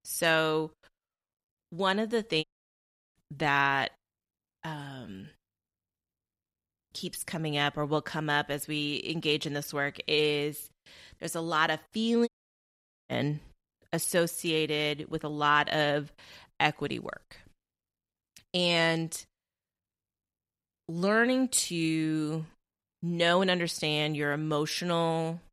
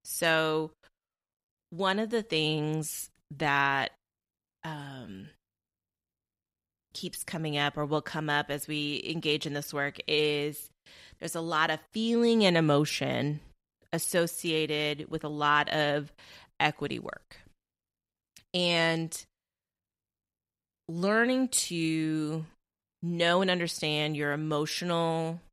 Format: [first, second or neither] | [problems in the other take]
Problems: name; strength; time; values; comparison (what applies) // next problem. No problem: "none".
second | audio cutting out; at 2.5 s for 0.5 s and at 12 s for 1 s